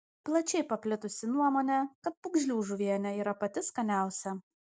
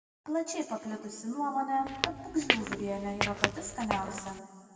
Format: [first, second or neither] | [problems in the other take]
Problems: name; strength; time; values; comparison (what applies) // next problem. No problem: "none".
first | background sound (Squeak / Walk, footsteps); as loud as the speech // room echo; dies away in 2 s